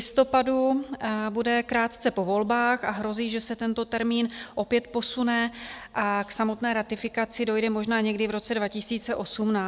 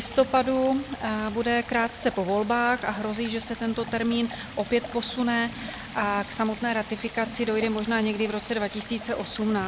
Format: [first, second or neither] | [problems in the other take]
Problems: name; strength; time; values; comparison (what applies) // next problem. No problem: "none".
first | background sound (Stream); 13 dB below the speech